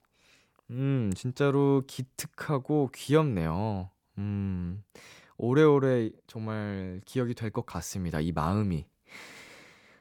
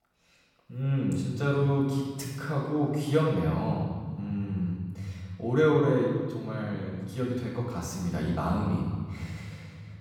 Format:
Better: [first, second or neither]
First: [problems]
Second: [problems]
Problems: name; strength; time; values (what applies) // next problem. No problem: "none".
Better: first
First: none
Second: off-mic speech; far // room echo; noticeable; dies away in 1.7 s